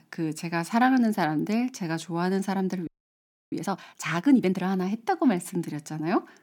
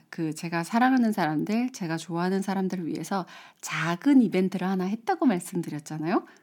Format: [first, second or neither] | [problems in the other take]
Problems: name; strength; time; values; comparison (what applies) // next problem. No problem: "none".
second | audio freezing; at 3 s for 0.5 s